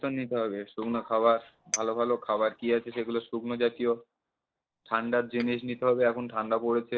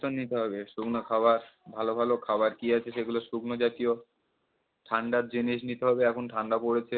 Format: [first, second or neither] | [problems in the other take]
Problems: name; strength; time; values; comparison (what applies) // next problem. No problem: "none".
second | noise reduction (neural mask model DeepFilterNet 3)